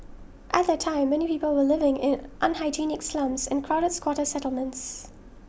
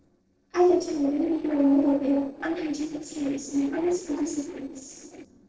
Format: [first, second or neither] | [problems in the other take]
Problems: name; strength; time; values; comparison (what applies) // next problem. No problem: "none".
first | noise reduction (neural separator model SepFormer DNS4)